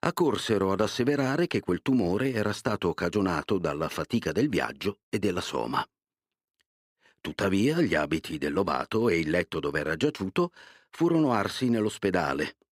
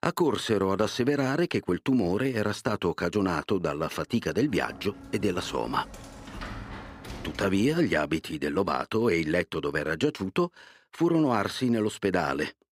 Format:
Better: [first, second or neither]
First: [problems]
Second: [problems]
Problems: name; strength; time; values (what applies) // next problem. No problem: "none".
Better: first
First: none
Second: door banging; faint; from 4 to 8 s; peak 10 dB below the speech